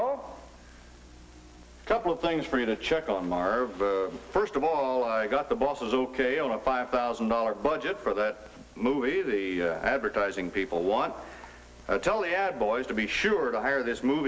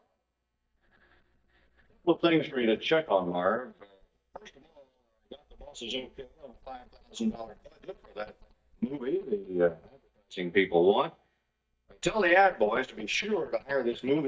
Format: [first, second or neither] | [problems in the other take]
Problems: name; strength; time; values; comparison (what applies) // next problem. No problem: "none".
first | noise reduction (neural mask model DeepFilterNet 3)